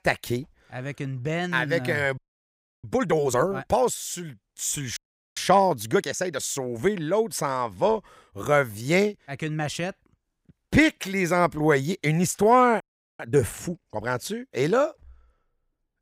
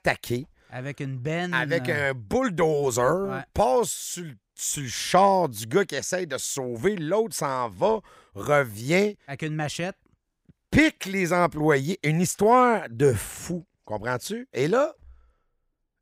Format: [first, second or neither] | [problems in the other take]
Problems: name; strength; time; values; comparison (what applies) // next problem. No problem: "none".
second | audio freezing; at 2 s for 0.5 s, at 5 s and at 13 s